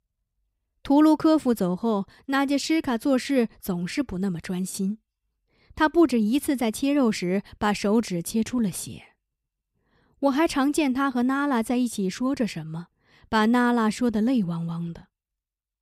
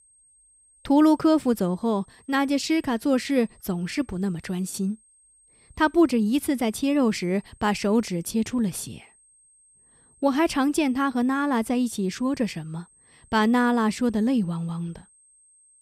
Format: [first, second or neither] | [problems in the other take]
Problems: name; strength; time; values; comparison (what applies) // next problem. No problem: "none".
first | high-pitched whine; faint; throughout; 8.5 kHz, 30 dB below the speech